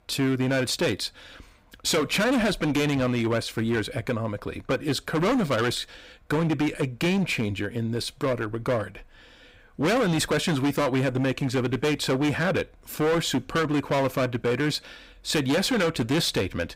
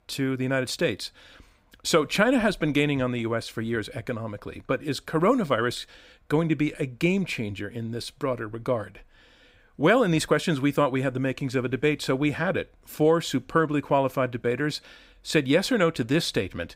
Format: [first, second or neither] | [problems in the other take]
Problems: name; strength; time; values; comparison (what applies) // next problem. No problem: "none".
second | distortion; heavy; 17% of the sound clipped